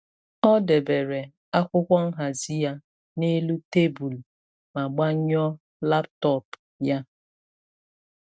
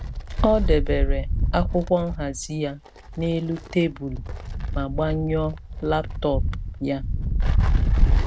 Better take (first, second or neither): first